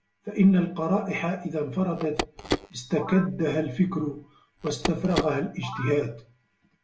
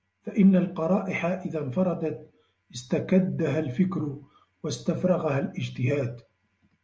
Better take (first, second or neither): second